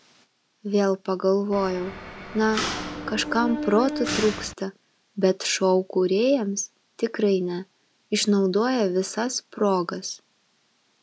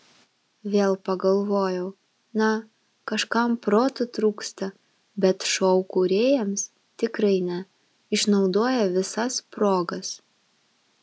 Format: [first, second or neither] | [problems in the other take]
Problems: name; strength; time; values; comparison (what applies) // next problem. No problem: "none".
second | background sound (Mechanisms); 6 dB below the speech